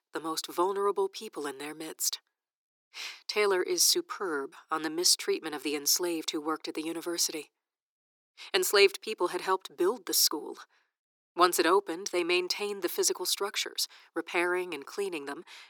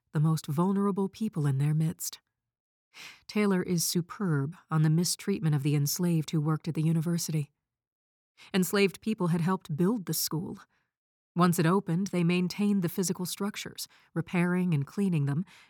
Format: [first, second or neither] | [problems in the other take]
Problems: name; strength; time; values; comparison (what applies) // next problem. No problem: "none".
second | thin; very; fading below 350 Hz